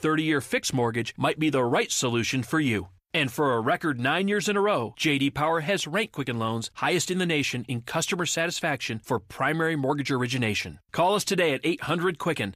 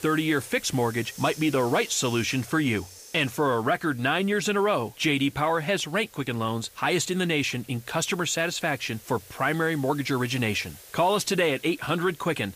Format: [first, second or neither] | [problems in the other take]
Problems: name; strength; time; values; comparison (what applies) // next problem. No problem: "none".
first | hiss; noticeable; throughout; 20 dB below the speech